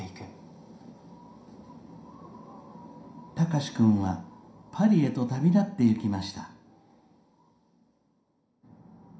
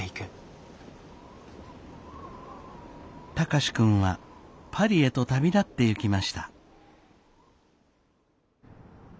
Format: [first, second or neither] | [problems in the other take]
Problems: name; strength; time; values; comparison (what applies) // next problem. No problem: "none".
second | room echo; dies away in 0.5 s